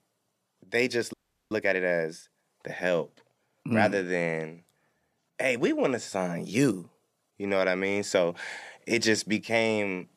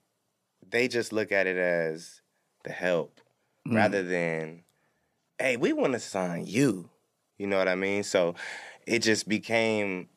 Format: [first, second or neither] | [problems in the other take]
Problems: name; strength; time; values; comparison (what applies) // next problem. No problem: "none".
second | audio freezing; at 1 s